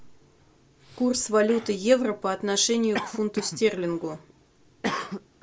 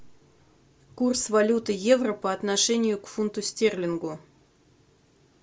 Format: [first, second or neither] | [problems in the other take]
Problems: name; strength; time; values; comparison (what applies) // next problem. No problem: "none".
second | background sound (Cough); 12 dB below the speech